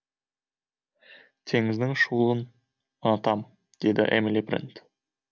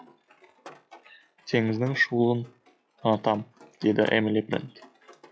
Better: first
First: none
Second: noise reduction (classical method log-MMSE)

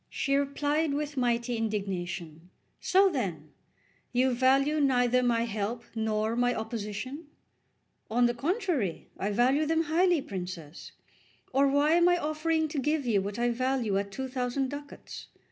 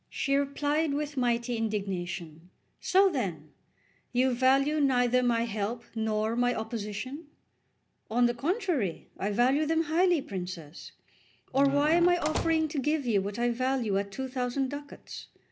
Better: first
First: none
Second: background sound (Squeak / Slam / Wood); 9 dB below the speech

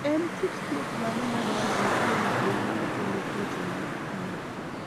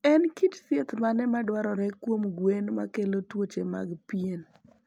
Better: second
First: background sound (Traffic noise, roadway noise); 3 dB above the speech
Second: none

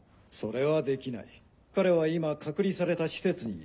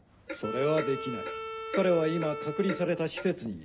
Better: first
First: none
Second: background sound (Wind instrument, woodwind instrument + Clock); 7 dB below the speech

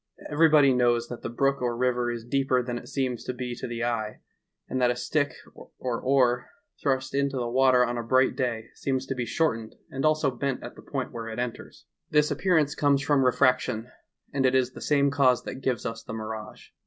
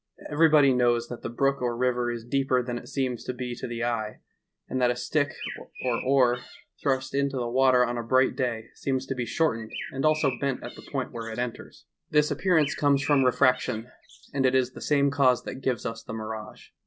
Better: first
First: none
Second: background sound (Bird); 14 dB below the speech

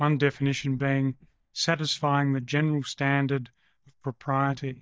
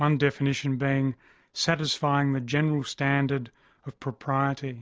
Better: second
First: noise reduction (neural mask model DeepFilterNet 3)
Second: none

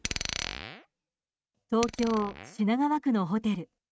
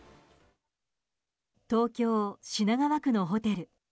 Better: second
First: noise reduction (neural mask model RNNoise)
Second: none

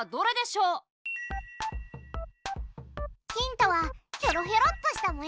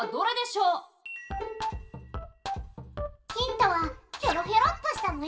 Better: first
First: none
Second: background sound (Bowed string instrument); 14 dB below the speech // room echo; dies away in 0.4 s

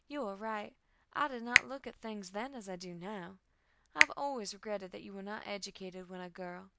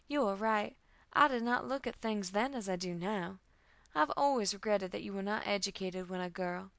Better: second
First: background sound (Finger snapping); 5 dB above the speech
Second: none

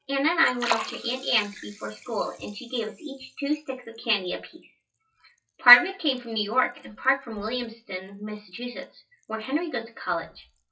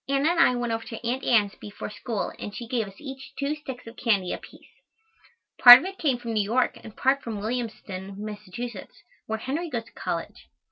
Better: second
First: noise reduction (classical method WPE with log-MMSE)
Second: none

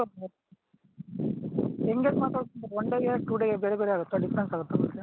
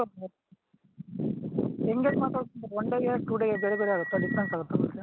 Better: first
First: none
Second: background sound (Telephone); 11 dB below the speech

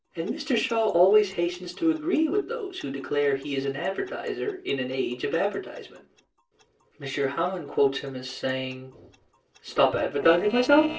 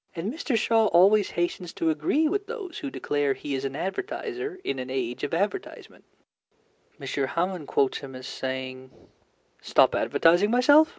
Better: second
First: noise reduction (neural separator model SepFormer DNS4)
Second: none

